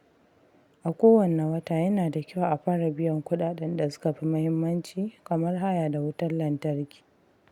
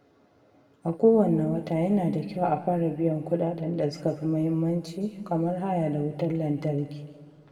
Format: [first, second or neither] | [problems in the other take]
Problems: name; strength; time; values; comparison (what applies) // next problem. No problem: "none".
first | room echo; dies away in 1.5 s